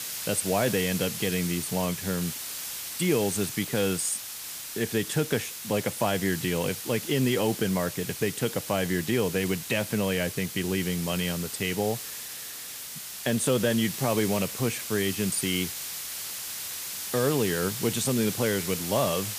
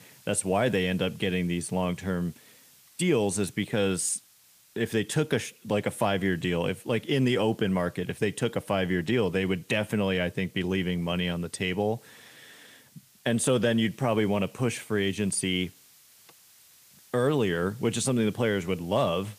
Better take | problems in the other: second | hiss; loud; throughout; 6 dB below the speech; faint in the second

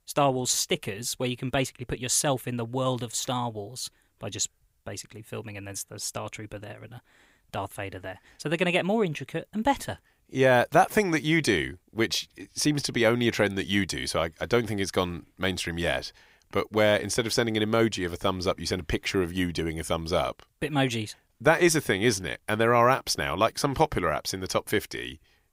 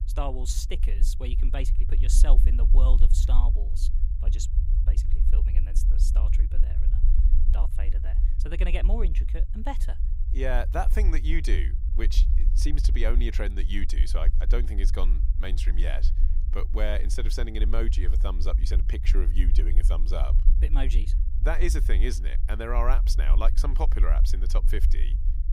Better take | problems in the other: first | low rumble; noticeable; throughout; 10 dB below the speech

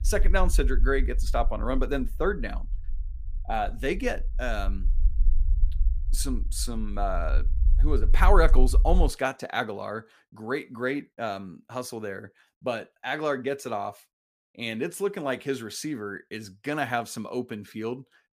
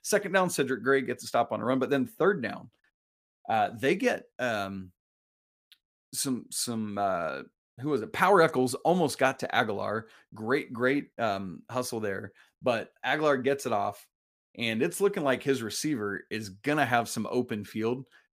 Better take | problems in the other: second | low rumble; faint; until 9 s; 20 dB below the speech

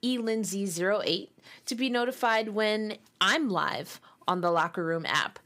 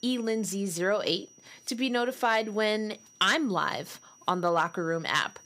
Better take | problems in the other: first | high-pitched whine; faint; throughout; 6 kHz, 25 dB below the speech

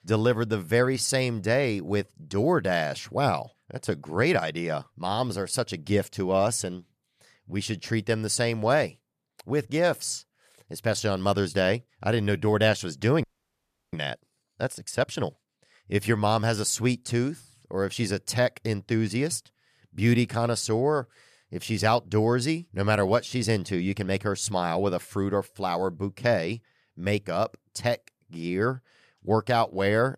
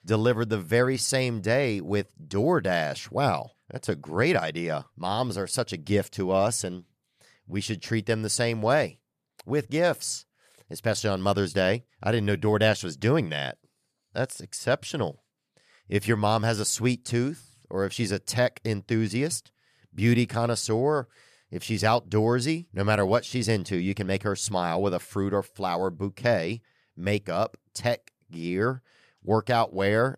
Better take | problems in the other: second | audio freezing; at 13 s for 0.5 s

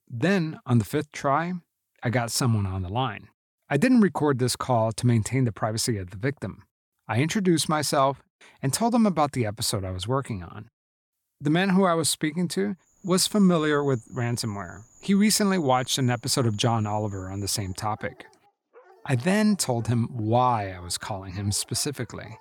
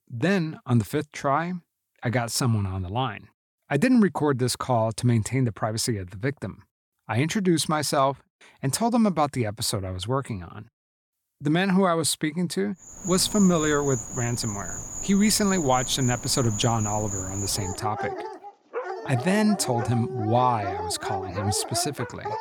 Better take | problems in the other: first | animal sounds; loud; from 13 s on; 8 dB below the speech; faint in the first

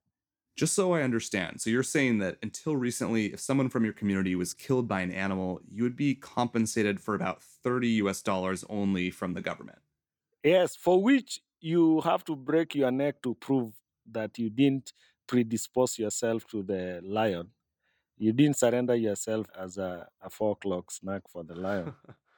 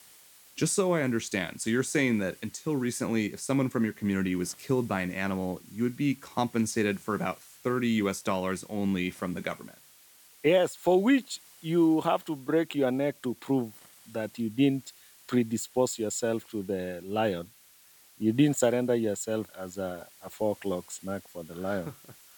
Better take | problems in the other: first | hiss; faint; throughout; 25 dB below the speech

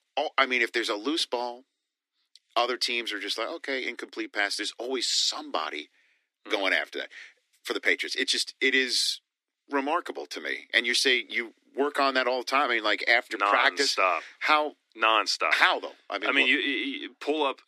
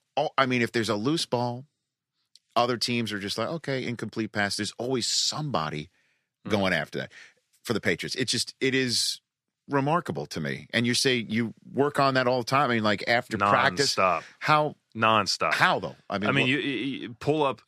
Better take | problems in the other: second | thin; somewhat; fading below 250 Hz

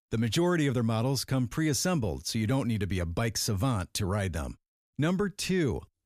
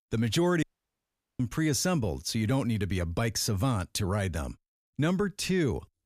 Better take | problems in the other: first | audio cutting out; at 0.5 s for 1 s

